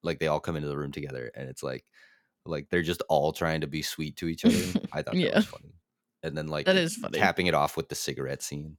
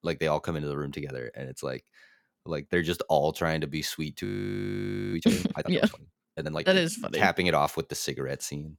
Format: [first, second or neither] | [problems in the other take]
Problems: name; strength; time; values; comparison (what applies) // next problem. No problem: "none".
first | audio freezing; at 4.5 s for 1 s